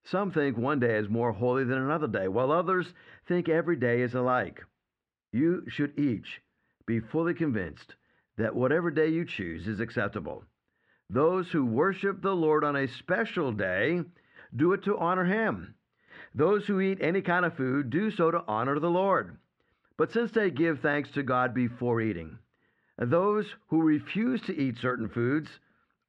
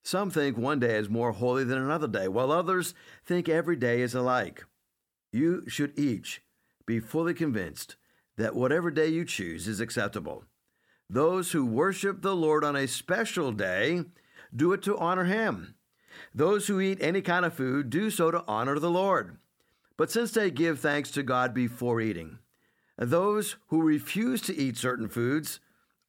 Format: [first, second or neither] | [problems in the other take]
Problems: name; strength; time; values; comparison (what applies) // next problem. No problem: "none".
second | muffled; very; fading above 3 kHz